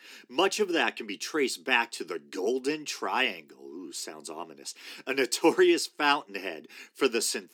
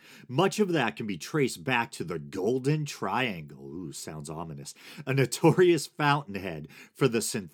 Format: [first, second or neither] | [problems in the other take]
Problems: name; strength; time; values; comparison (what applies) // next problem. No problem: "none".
second | thin; somewhat; fading below 250 Hz